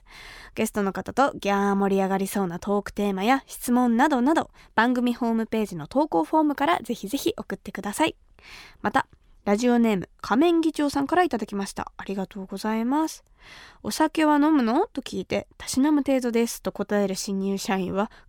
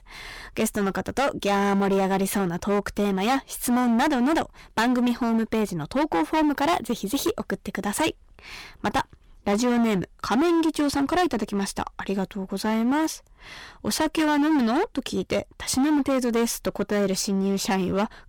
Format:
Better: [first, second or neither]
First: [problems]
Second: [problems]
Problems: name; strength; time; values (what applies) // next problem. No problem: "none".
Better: first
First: none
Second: distortion; heavy; 17% of the sound clipped